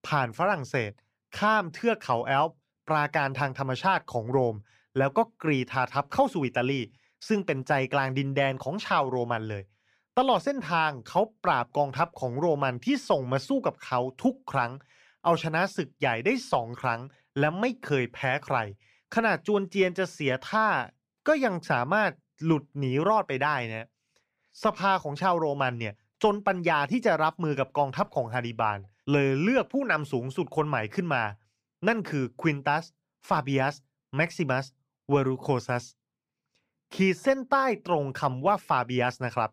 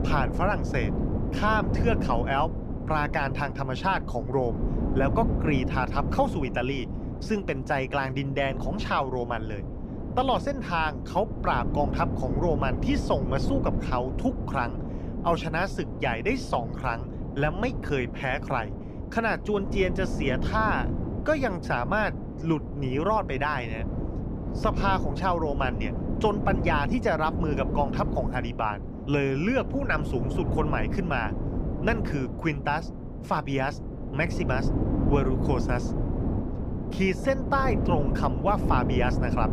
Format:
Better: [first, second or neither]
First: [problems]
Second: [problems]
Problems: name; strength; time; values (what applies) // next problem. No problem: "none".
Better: first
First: none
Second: wind noise on the microphone; heavy; 10 dB below the speech